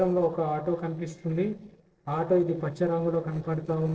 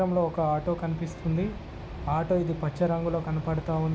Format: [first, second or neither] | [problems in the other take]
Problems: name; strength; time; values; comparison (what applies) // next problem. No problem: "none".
second | noise reduction (neural separator model SepFormer DNS4)